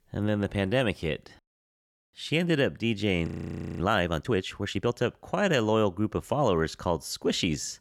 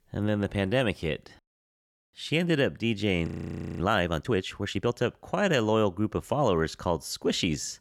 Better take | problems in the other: neither | audio freezing; at 3.5 s for 0.5 s; the same in both

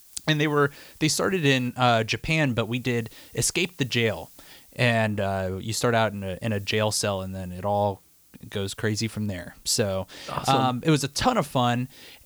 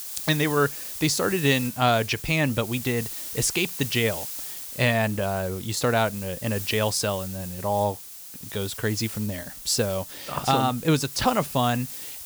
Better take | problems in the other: first | hiss; loud; throughout; 9 dB below the speech; faint in the first

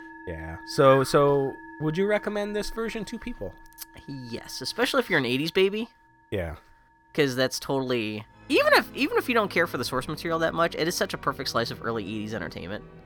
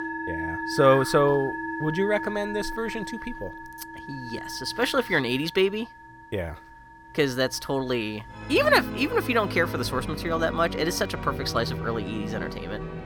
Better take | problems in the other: first | background music; loud; throughout; 9 dB below the speech; faint in the first

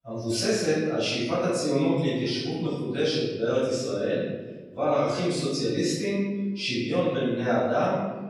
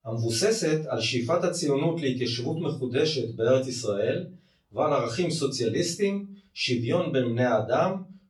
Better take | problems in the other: second | room echo; strong; dies away in 1.2 s; slight in the second // off-mic speech; far; far in the second

